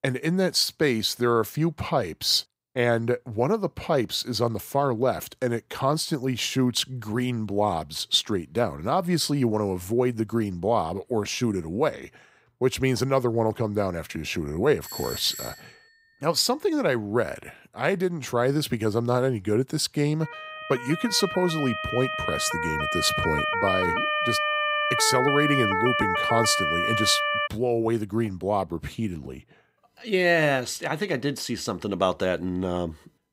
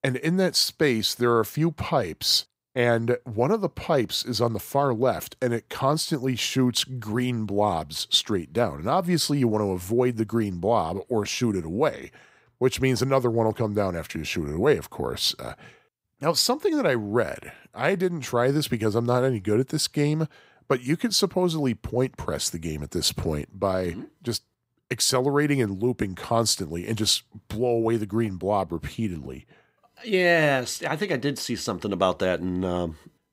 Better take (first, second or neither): second